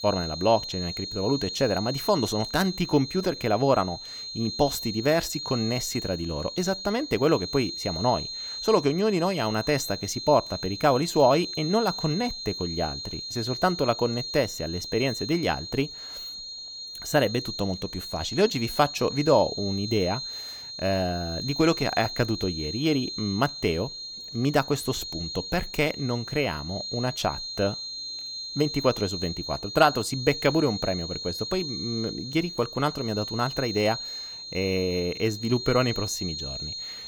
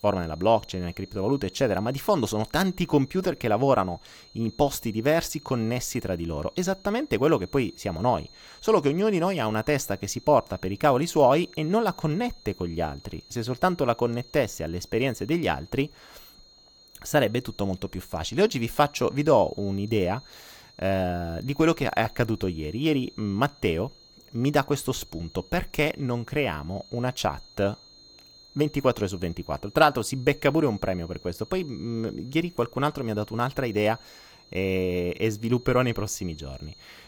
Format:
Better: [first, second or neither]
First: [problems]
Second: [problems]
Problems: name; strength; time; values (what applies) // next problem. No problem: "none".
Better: second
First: high-pitched whine; loud; throughout; 4 kHz, 7 dB below the speech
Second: high-pitched whine; faint; throughout; 4 kHz, 25 dB below the speech